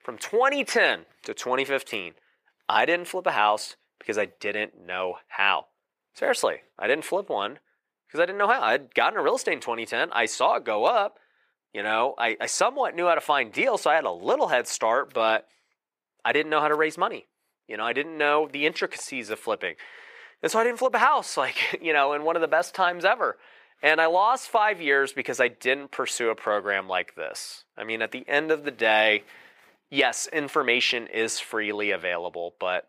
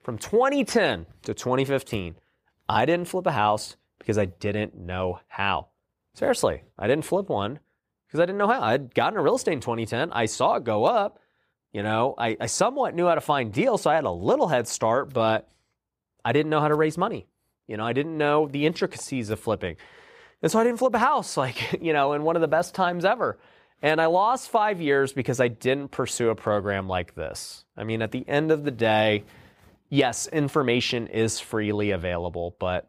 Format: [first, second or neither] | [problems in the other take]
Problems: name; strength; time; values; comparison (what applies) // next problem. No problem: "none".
second | thin; somewhat; fading below 400 Hz